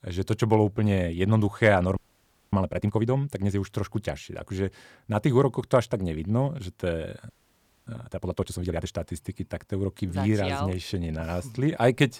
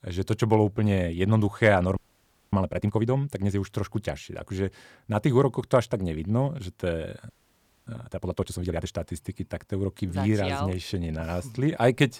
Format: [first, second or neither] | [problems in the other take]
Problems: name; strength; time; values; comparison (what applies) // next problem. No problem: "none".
neither | audio freezing; at 2 s for 0.5 s and at 7.5 s for 0.5 s; the same in both